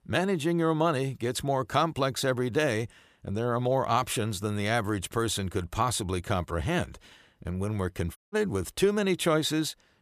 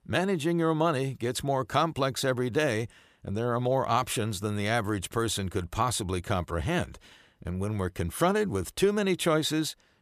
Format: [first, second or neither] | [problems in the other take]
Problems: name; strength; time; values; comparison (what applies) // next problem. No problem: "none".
second | audio cutting out; at 8 s